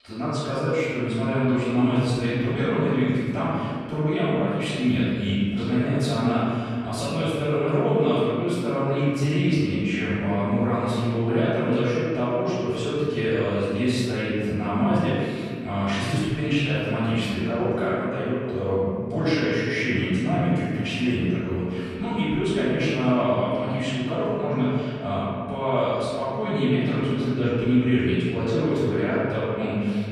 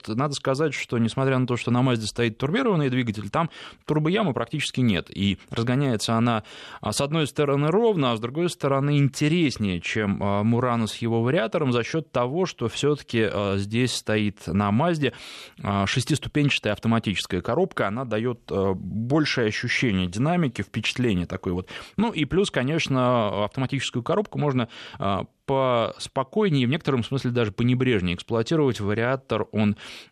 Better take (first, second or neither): second